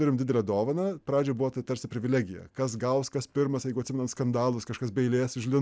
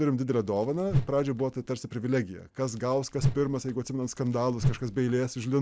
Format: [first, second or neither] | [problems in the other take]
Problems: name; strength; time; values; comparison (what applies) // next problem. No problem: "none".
first | background sound (Whoosh, swoosh, swish); 4 dB below the speech